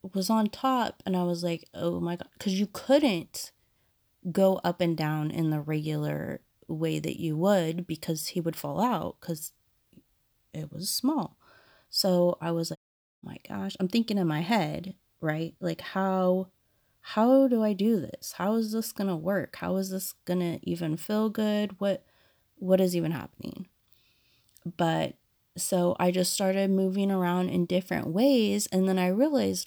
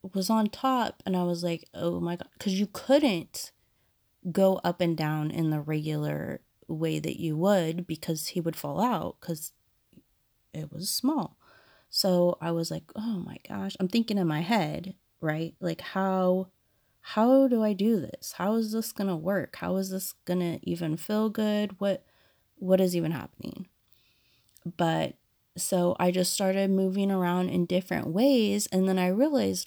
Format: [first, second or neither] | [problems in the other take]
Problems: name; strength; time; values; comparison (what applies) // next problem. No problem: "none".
second | audio cutting out; at 13 s